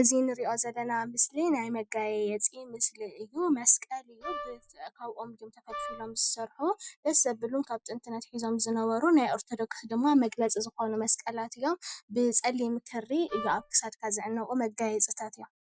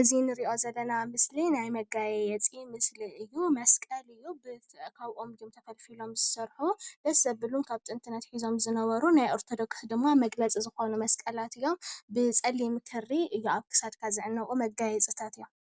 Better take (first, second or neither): second